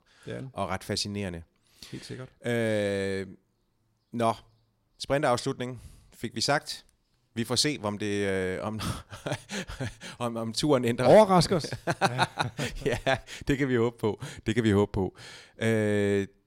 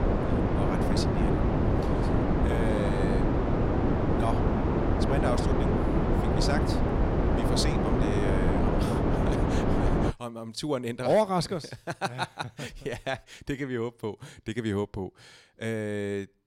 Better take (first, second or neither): first